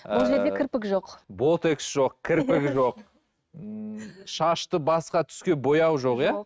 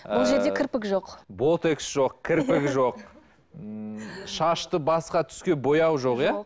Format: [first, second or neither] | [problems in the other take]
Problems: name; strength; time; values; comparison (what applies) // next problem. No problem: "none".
second | noise reduction (neural mask model RNNoise)